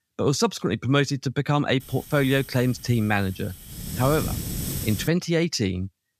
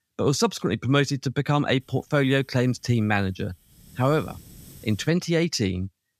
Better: second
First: hiss; loud; from 2 to 5 s; 9 dB below the speech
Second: hiss; faint; from 2 to 5 s; 25 dB below the speech

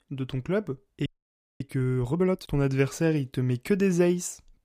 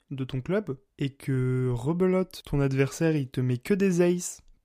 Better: second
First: audio freezing; at 1 s for 0.5 s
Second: none

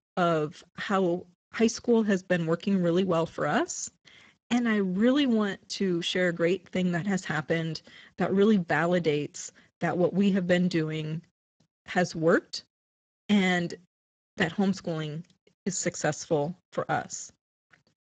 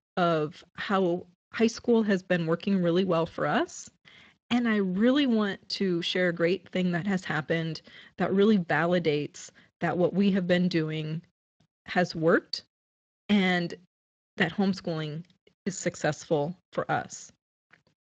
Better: second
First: garbled, watery; badly; nothing above 7.5 kHz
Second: garbled, watery; slightly

